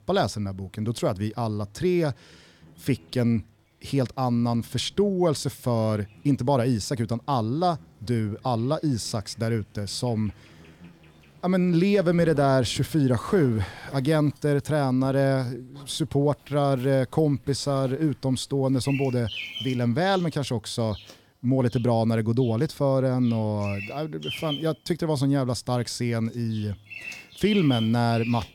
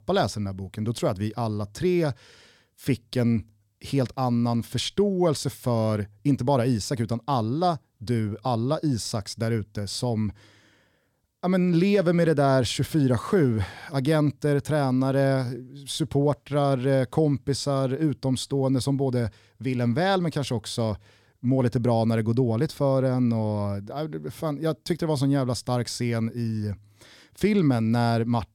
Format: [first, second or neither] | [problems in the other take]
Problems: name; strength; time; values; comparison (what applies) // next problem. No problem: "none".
second | animal sounds; noticeable; throughout; 15 dB below the speech